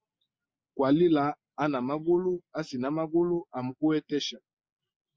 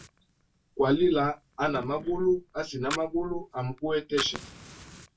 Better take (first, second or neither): first